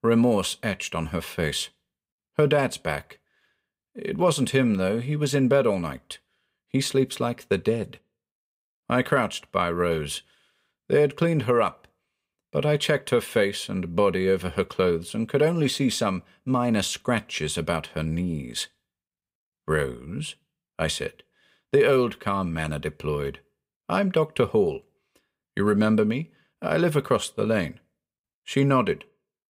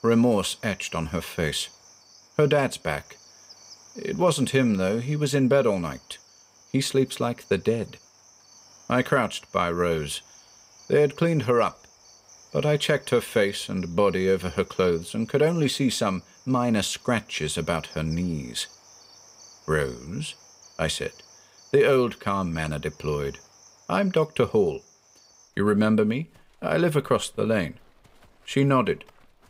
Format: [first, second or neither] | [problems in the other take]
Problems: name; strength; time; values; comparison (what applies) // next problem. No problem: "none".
first | animal sounds; faint; throughout; 25 dB below the speech